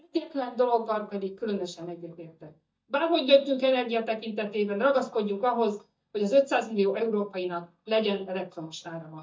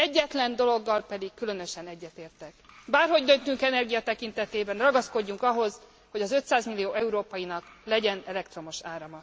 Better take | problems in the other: second | noise reduction (neural mask model DeepFilterNet 3)

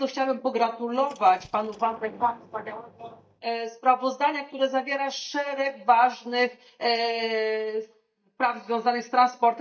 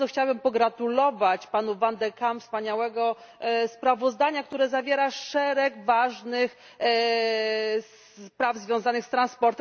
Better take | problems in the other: second | noise reduction (neural mask model DeepFilterNet 3)

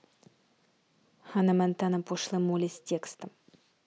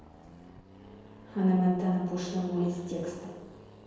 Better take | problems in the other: first | background sound (Accelerating, revving, vroom); 19 dB below the speech // room echo; dies away in 1.2 s

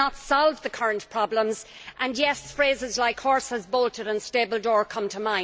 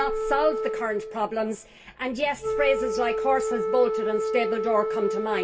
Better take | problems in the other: first | background sound (Wind instrument, woodwind instrument); 2 dB below the speech // room echo; dies away in 0.2 s

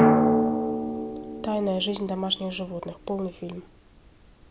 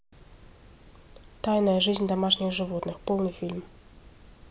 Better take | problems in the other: second | background sound (Drum); 5 dB above the speech

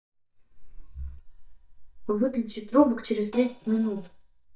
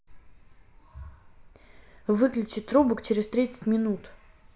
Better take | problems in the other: second | noise reduction (neural mask model DeepFilterNet 3)

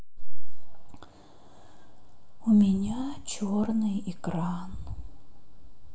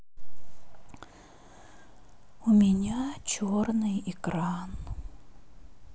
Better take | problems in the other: second | room echo; dies away in 0.5 s

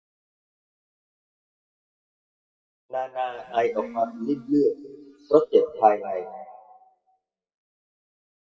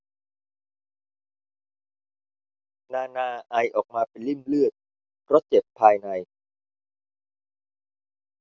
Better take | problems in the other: second | noise reduction (classical method WPE with log-MMSE)

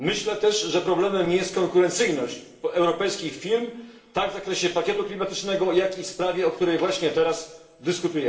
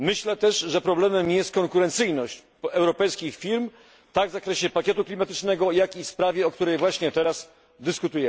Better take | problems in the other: second | room echo; dies away in 0.8 s

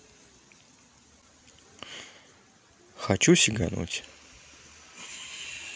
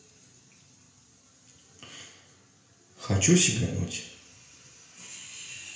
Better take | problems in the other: first | room echo; dies away in 0.5 s

